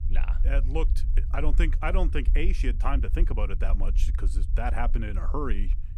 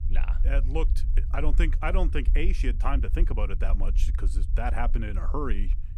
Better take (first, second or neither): neither